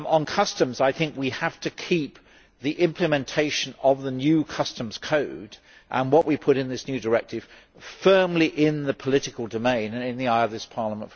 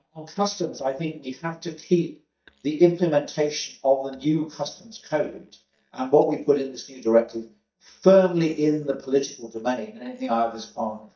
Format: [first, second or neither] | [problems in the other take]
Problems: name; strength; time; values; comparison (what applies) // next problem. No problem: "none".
first | noise reduction (neural mask model DeepFilterNet 3)